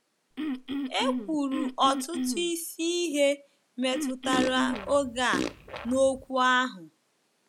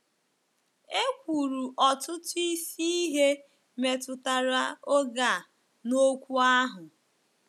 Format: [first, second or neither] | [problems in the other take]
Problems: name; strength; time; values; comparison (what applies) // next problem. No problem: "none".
second | background sound (Cough + Fart); 4 dB below the speech